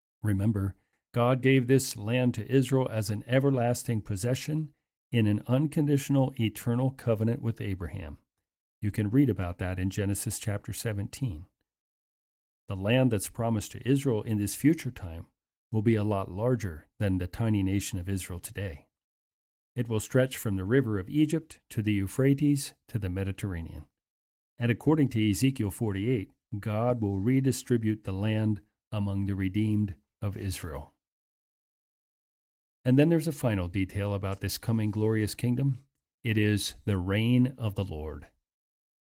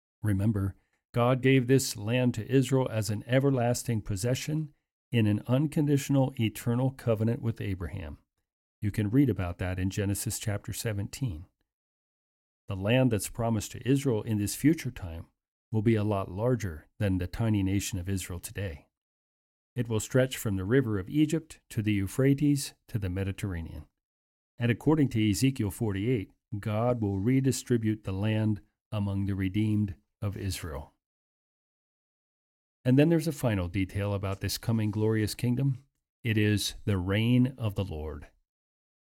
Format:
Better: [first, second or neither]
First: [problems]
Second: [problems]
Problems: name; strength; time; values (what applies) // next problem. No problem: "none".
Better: second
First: garbled, watery; slightly; nothing above 16.5 kHz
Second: none